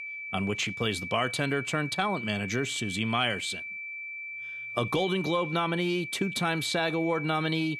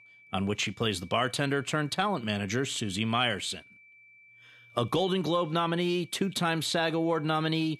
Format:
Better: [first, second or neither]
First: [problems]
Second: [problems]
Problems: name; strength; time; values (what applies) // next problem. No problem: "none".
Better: second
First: high-pitched whine; loud; throughout; 2.5 kHz, 7 dB below the speech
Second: high-pitched whine; faint; throughout; 2.5 kHz, 25 dB below the speech